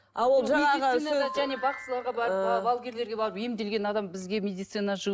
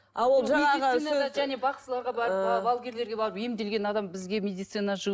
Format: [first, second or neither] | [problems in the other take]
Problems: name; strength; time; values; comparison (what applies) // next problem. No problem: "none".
second | background sound (Ringtone / Chime); 13 dB below the speech